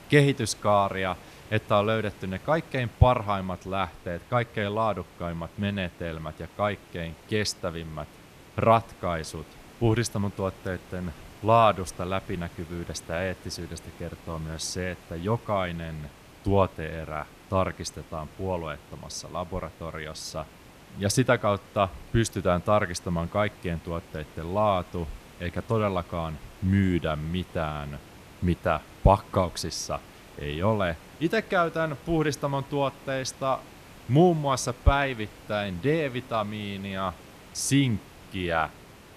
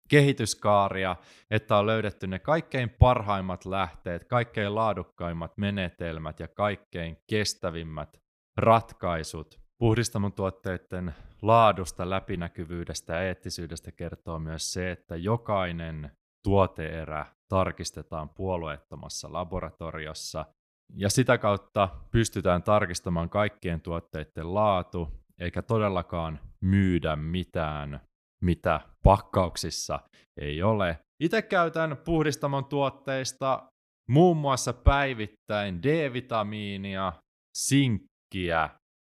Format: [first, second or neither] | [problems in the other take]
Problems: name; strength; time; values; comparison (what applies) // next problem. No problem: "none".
second | hiss; faint; throughout; 20 dB below the speech